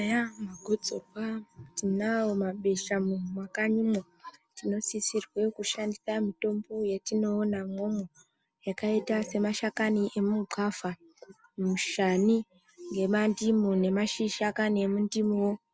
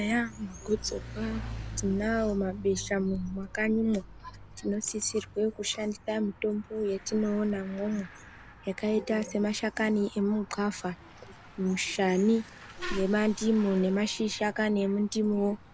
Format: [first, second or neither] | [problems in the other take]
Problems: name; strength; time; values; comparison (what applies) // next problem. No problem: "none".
first | background sound (Mechanisms / Bicycle); 14 dB below the speech